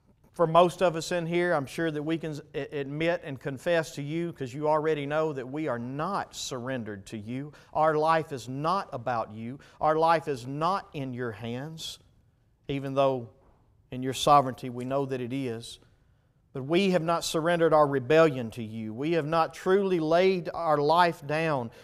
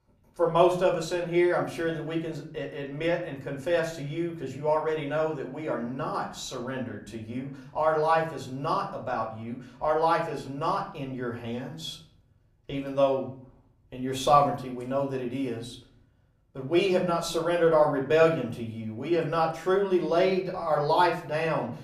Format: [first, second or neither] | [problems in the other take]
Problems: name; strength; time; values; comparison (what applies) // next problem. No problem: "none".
first | room echo; slight; dies away in 0.4 s // off-mic speech; somewhat distant